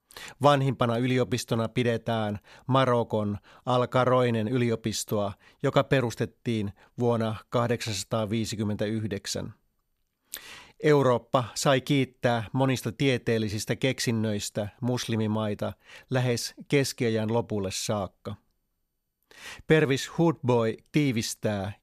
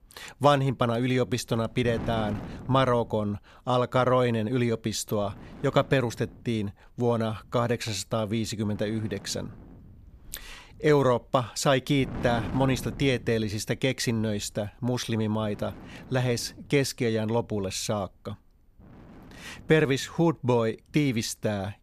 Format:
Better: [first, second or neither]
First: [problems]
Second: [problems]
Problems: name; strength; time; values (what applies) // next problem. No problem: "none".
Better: first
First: none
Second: wind noise on the microphone; occasional gusts; 20 dB below the speech